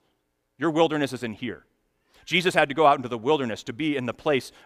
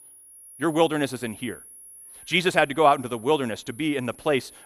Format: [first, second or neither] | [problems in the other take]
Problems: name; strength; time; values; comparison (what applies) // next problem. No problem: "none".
first | high-pitched whine; faint; throughout; 10 kHz, 20 dB below the speech